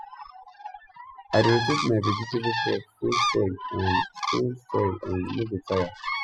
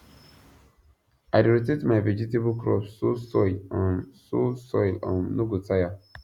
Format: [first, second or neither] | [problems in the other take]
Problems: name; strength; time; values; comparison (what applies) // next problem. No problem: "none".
second | noise reduction (classical method spectral subtraction)